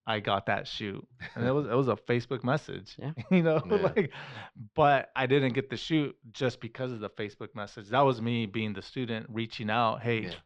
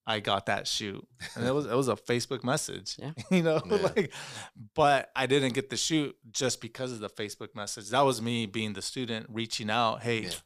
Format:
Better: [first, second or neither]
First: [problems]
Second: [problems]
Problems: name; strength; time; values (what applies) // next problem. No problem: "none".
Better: second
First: muffled; slightly; fading above 3 kHz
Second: none